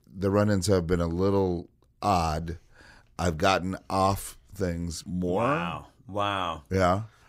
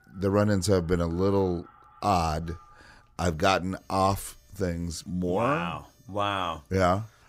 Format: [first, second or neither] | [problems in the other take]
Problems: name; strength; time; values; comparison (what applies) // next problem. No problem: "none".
first | alarms or sirens; faint; throughout; 30 dB below the speech